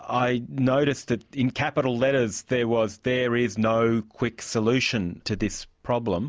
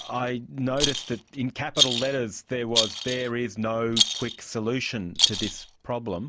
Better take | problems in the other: first | background sound (Rattle); as loud as the speech

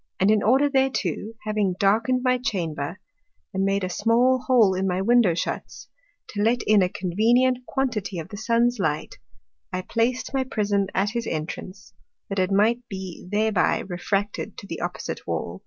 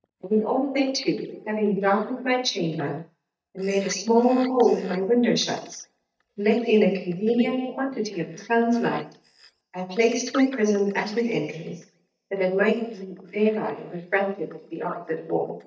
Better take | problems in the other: first | noise reduction (neural mask model DeepFilterNet 3)

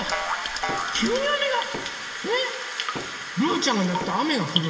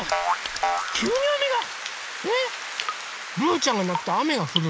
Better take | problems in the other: second | background sound (Knock); 16 dB below the speech // room echo; dies away in 3 s

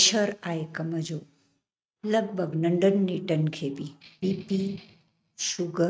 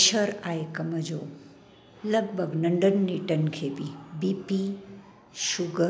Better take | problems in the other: second | noise reduction (neural mask model RNNoise)

